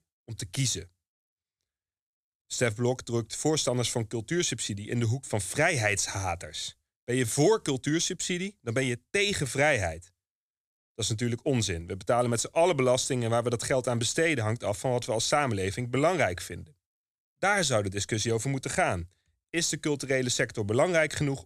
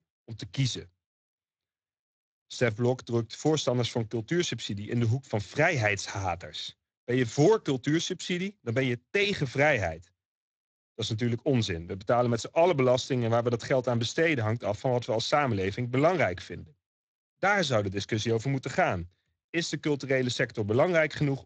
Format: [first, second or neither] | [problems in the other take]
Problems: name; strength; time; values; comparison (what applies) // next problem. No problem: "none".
first | garbled, watery; slightly; nothing above 7.5 kHz